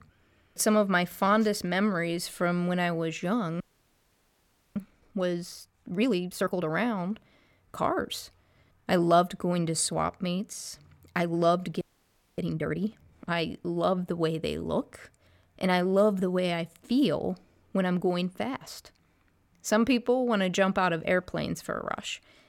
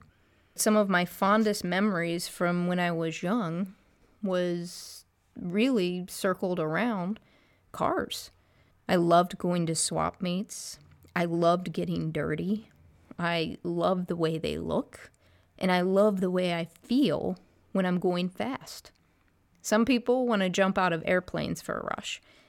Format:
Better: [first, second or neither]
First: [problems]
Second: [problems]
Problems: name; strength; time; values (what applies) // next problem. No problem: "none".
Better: second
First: audio freezing; at 3.5 s for 1 s and at 12 s for 0.5 s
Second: none